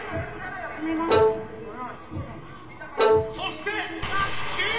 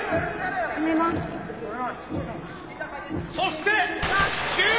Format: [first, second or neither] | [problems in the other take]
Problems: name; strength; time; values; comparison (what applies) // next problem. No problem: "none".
second | background sound (Bowed string instrument); 3 dB above the speech // room echo; dies away in 0.2 s